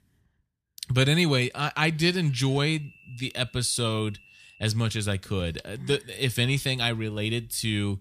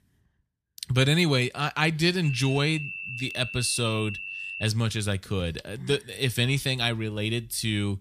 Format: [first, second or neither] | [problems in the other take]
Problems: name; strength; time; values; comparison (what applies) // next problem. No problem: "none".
first | high-pitched whine; loud; from 2 to 4.5 s; 2.5 kHz, 9 dB below the speech; faint in the first